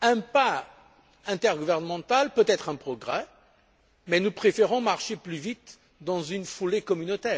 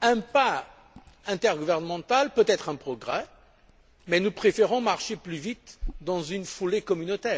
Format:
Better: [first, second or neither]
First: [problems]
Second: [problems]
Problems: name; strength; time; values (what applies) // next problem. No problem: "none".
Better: first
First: none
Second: background sound (Liquid); 19 dB below the speech